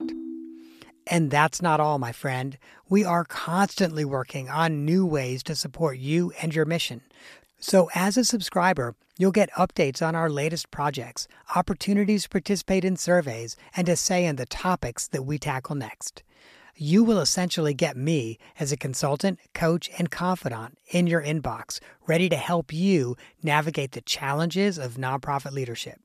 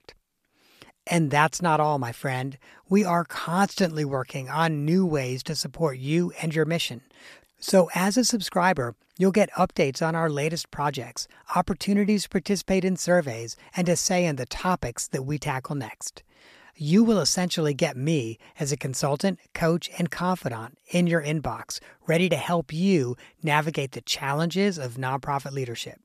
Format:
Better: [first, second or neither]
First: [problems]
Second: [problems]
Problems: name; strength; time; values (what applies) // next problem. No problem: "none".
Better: second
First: phone ringing; noticeable; at the start; peak 9 dB below the speech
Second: none